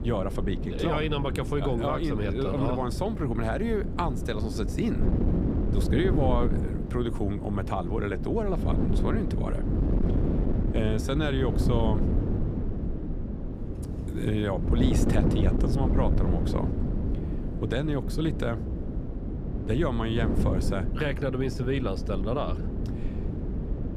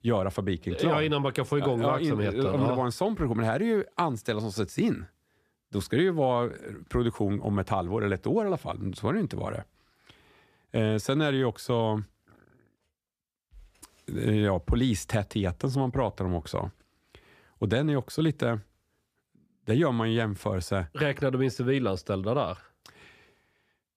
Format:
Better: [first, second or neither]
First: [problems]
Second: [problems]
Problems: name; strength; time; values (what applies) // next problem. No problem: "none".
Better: second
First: wind noise on the microphone; heavy; 5 dB below the speech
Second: none